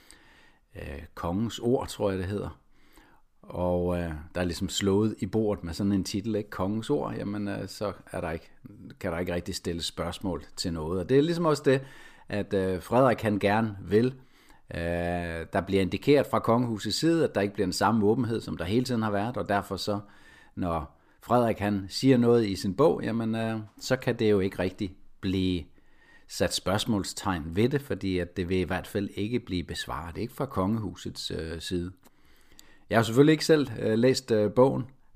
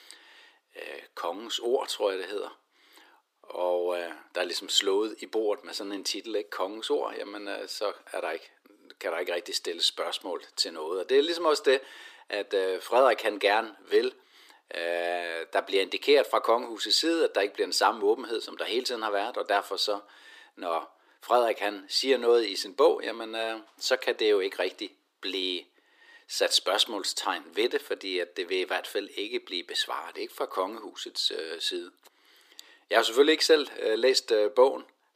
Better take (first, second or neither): first